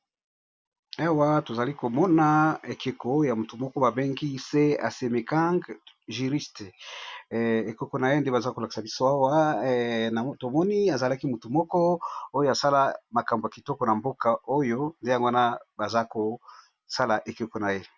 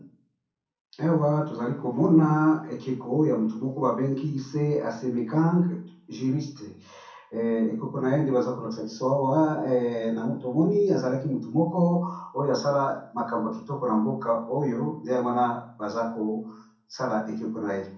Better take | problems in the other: first | room echo; dies away in 0.6 s

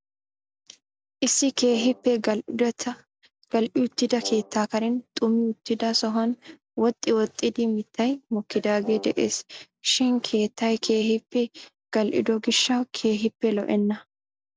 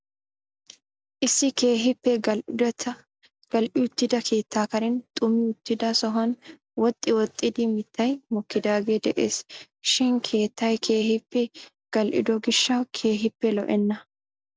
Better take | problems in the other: second | background sound (Brass instrument); 17 dB below the speech

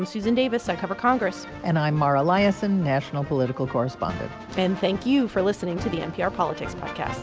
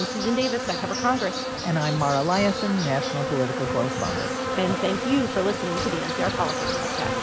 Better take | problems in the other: first | background sound (Insect); 3 dB below the speech

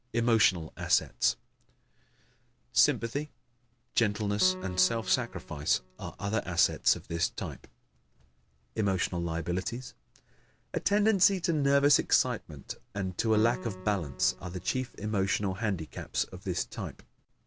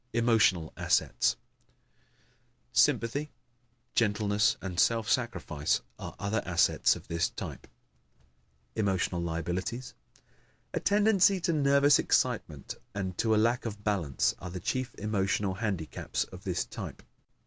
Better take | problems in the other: second | background sound (Piano); 16 dB below the speech

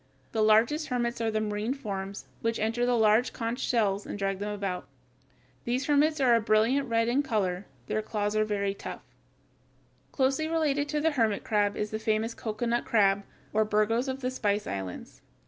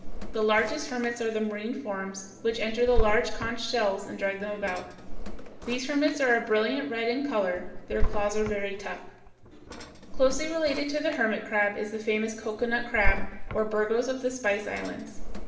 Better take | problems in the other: first | background sound (Drawer open or close); 3 dB below the speech // room echo; dies away in 0.9 s

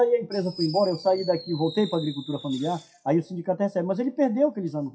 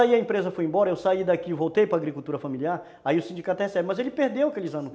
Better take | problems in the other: second | noise reduction (classical method WPE with log-MMSE)

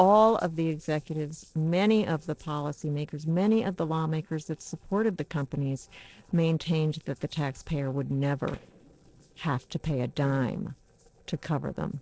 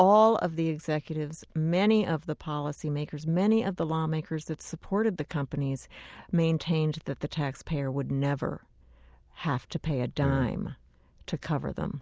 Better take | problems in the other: second | noise reduction (neural separator model SepFormer DNS4)

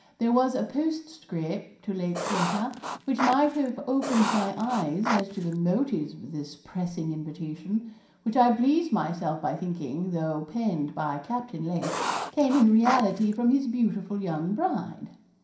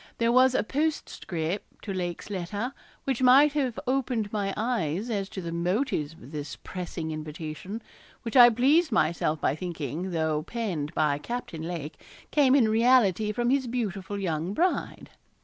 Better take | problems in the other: second | background sound (Writing); 5 dB below the speech // room echo; dies away in 0.5 s

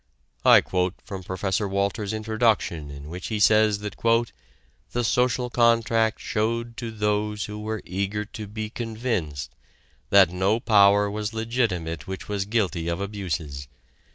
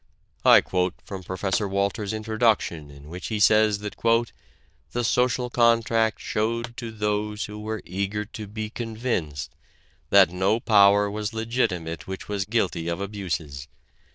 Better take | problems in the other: first | noise reduction (neural diffusion model UNIVERSE++)

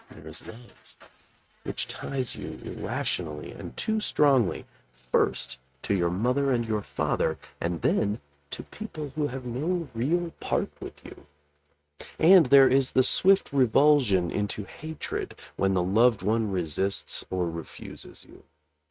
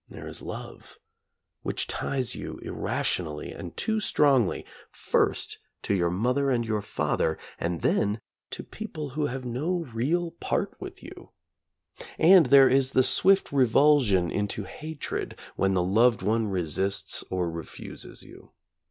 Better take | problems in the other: second | noise reduction (neural mask model RNNoise)

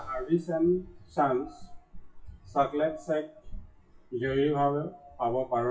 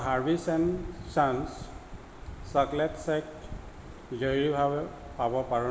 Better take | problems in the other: second | noise reduction (classical method WPE with log-MMSE)

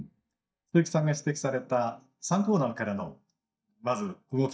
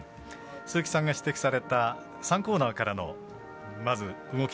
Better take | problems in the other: second | noise reduction (neural mask model DeepFilterNet 3)

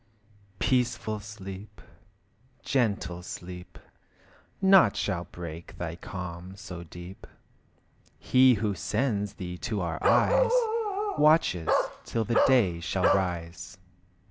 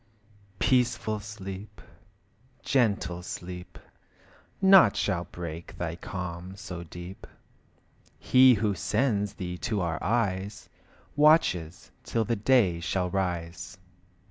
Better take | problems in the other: second | background sound (Bark); 1 dB above the speech

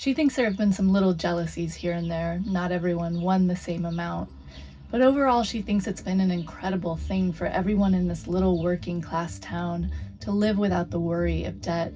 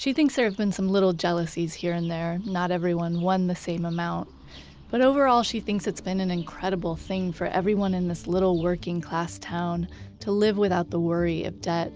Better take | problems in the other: second | room echo; dies away in 0.4 s

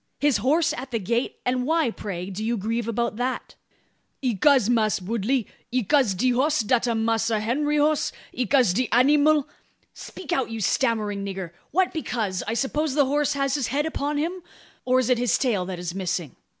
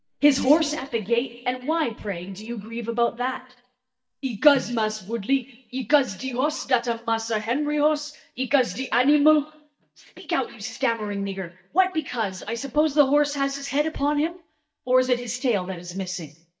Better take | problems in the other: first | noise reduction (neural mask model DeepFilterNet 3)

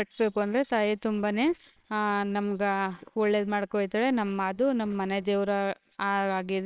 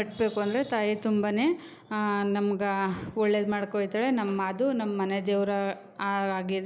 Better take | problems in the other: second | noise reduction (neural separator model SepFormer WHAMR!)

